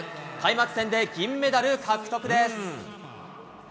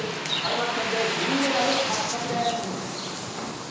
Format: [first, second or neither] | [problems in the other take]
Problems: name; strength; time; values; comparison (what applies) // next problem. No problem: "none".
first | background sound (Bird); as loud as the speech // room echo; dies away in 1 s